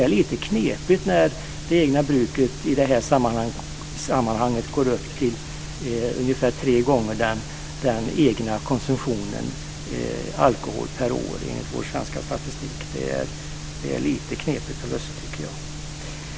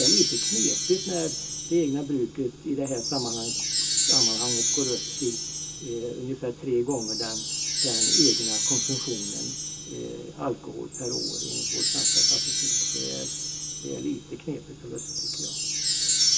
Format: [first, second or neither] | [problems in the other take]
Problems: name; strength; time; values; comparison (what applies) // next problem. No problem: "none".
first | background sound (Wind chime); 4 dB above the speech // room echo; dies away in 0.2 s